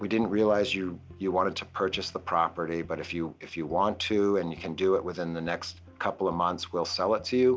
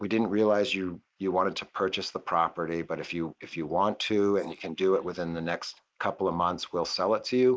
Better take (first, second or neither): first